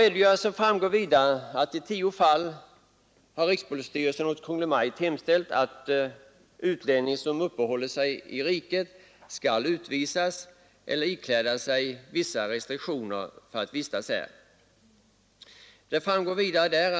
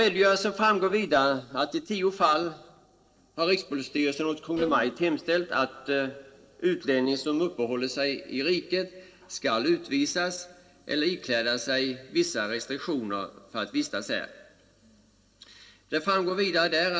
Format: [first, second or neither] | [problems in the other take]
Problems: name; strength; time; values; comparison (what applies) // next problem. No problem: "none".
first | noise reduction (neural separator model SepFormer DNS4)